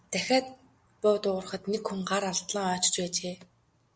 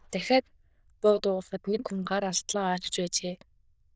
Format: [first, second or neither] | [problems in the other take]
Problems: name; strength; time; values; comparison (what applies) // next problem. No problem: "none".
first | noise reduction (neural diffusion model UNIVERSE++)